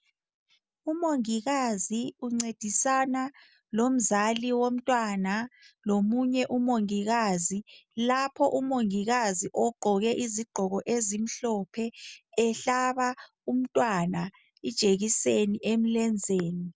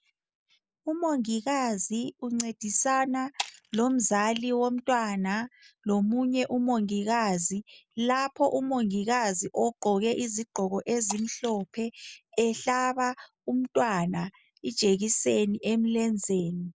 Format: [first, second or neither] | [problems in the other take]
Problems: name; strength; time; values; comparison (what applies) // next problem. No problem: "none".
first | noise reduction (neural mask model Resemble Enhance denoiser)